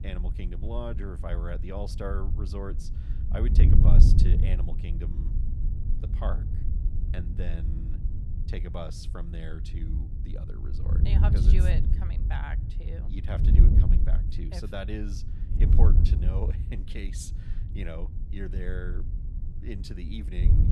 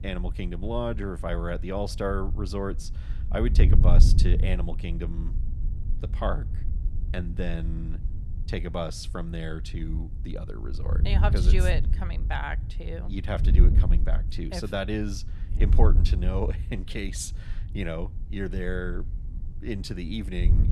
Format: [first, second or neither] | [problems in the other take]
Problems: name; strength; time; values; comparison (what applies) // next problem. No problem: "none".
second | wind noise on the microphone; heavy; 3 dB below the speech; occasional gusts in the second